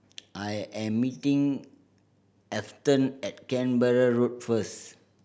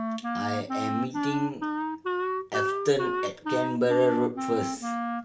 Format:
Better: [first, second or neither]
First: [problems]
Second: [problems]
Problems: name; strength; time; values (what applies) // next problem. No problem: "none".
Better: first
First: none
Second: background sound (Wind instrument, woodwind instrument); 1 dB below the speech // room echo; dies away in 0.2 s